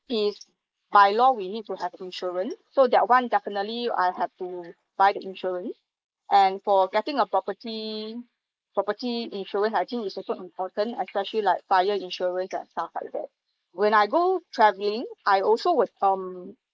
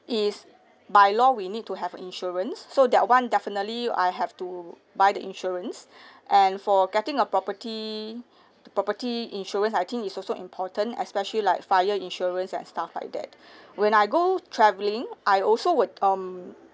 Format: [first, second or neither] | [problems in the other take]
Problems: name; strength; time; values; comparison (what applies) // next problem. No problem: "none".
second | noise reduction (neural mask model Resemble Enhance denoiser)